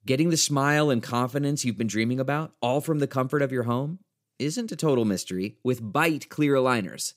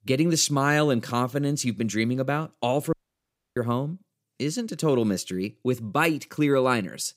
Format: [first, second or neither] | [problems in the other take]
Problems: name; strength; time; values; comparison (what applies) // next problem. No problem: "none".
first | audio cutting out; at 3 s for 0.5 s